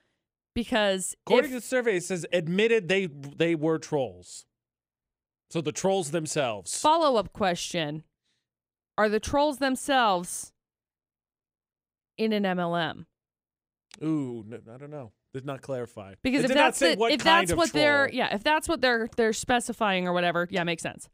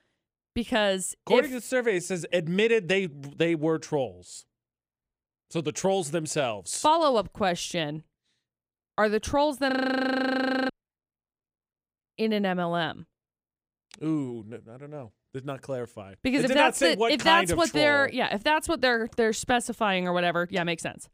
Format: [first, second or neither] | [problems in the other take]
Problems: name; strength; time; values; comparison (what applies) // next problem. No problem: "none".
first | audio freezing; at 9.5 s for 1 s